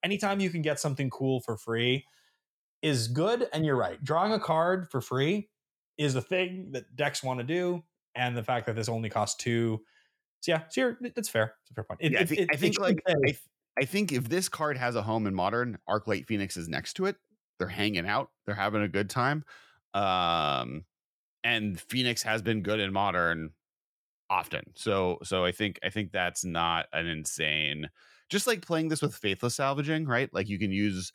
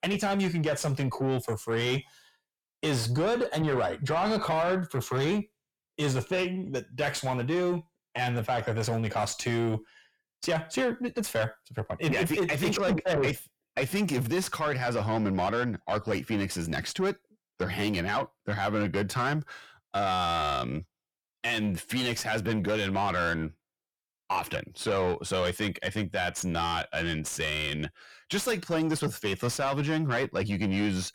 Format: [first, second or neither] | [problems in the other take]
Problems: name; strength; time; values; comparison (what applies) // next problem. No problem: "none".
first | distortion; heavy; 7 dB below the speech